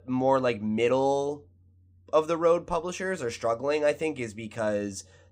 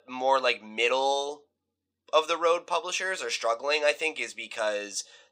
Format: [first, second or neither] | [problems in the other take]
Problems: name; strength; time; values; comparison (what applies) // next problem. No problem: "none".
first | thin; somewhat; fading below 650 Hz